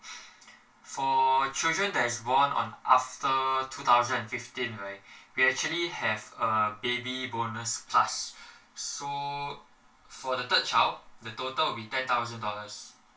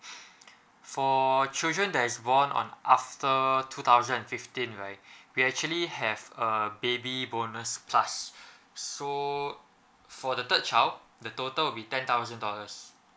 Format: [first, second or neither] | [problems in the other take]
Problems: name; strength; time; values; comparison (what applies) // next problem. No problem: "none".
second | room echo; dies away in 0.2 s